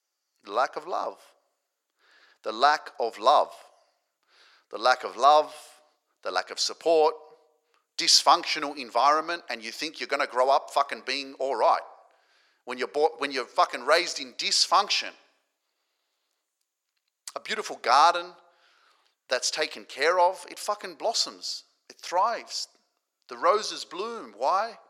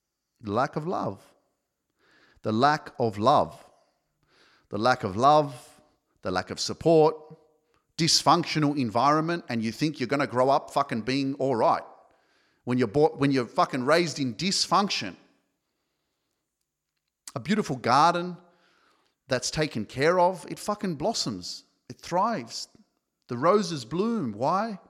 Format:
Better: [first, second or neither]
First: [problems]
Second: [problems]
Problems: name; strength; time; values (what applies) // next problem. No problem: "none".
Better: second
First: thin; very; fading below 500 Hz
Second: none